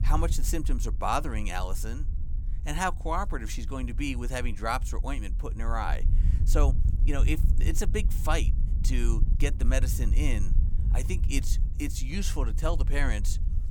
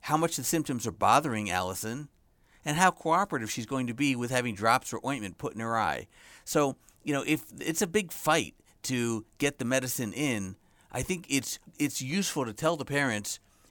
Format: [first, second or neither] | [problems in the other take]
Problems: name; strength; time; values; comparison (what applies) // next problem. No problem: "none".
second | wind noise on the microphone; occasional gusts; 15 dB below the speech